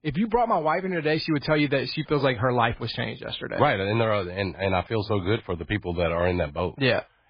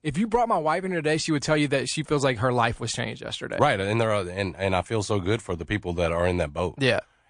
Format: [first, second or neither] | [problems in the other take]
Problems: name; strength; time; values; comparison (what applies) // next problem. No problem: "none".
second | garbled, watery; badly; nothing above 4.5 kHz; slightly in the second